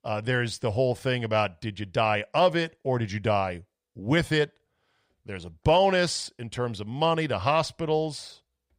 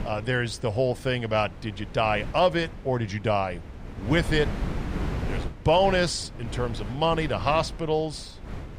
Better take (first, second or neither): first